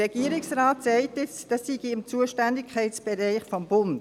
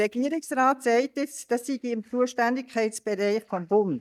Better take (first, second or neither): first